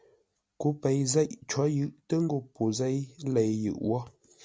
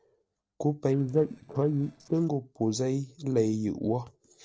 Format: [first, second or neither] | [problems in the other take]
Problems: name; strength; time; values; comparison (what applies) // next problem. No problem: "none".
first | noise reduction (neural separator model SepFormer DNS4)